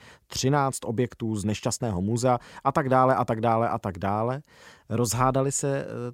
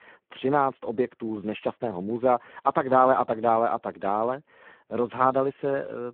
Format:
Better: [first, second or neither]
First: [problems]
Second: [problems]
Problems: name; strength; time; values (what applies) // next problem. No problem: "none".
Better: first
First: none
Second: phone-call audio; poor line